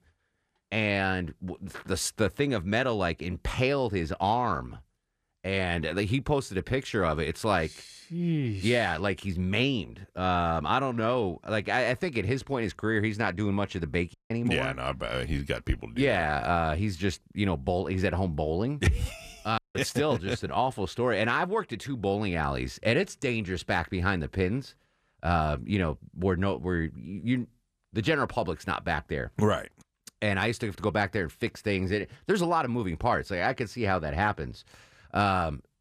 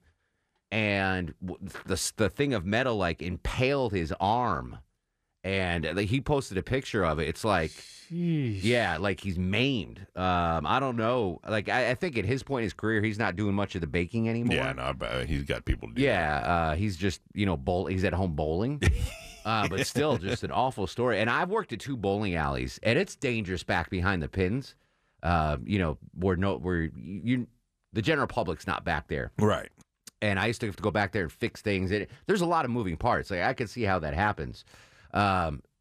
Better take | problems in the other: second | audio cutting out; at 14 s and at 20 s

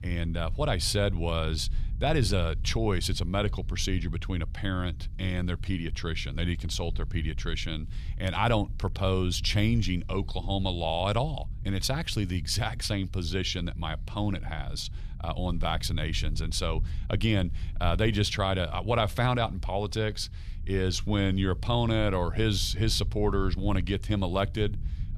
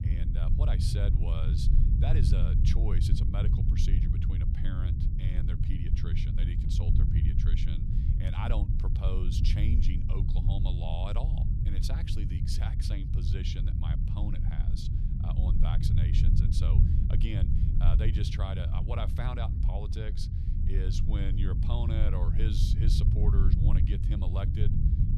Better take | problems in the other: first | low rumble; loud; throughout; 1 dB below the speech; faint in the first

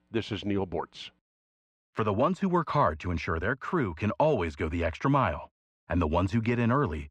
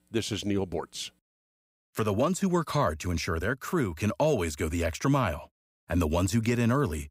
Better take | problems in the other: second | muffled; very; fading above 2.5 kHz

